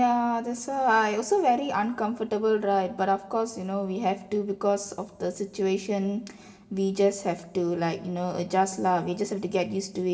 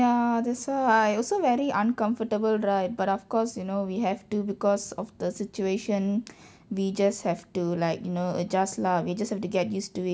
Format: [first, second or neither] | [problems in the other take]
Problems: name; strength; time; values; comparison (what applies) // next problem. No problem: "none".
second | room echo; dies away in 0.8 s